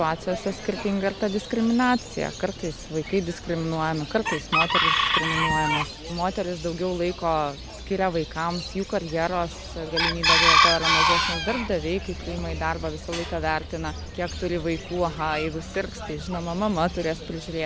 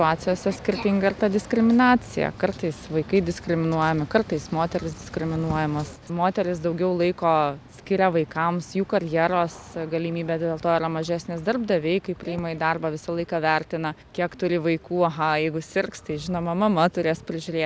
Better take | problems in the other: second | background sound (Chicken, rooster); 1 dB below the speech

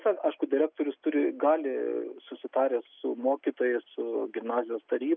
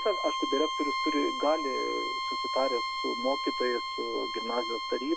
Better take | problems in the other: first | background sound (Bowed string instrument); 1 dB below the speech

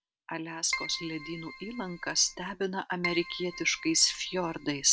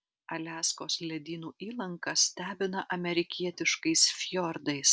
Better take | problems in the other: second | background sound (Keyboard (musical)); 11 dB below the speech

